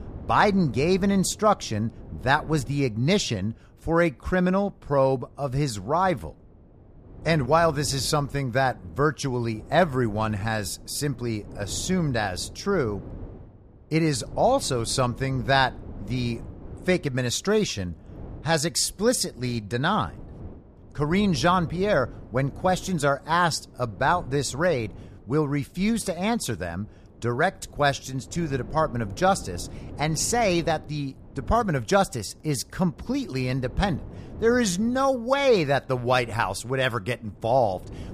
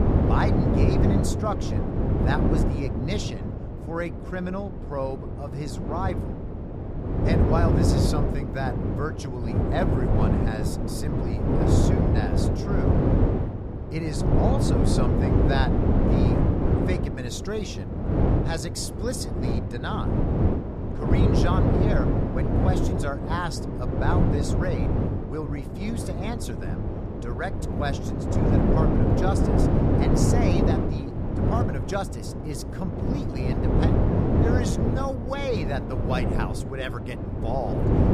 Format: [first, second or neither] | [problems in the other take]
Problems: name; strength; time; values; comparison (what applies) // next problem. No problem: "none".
first | wind noise on the microphone; heavy; 2 dB above the speech; occasional gusts in the first